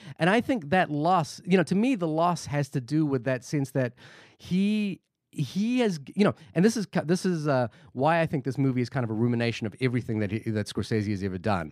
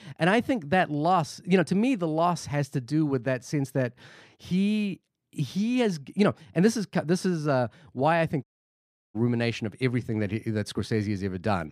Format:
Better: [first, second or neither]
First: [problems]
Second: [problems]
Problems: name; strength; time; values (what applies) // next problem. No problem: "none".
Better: first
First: none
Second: audio cutting out; at 8.5 s for 0.5 s